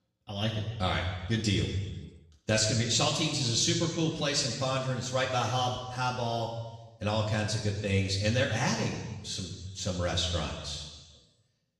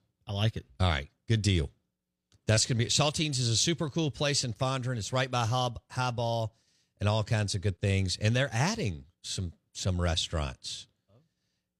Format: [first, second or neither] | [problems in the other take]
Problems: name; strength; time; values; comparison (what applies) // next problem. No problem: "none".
second | room echo; noticeable; dies away in 1.2 s // off-mic speech; far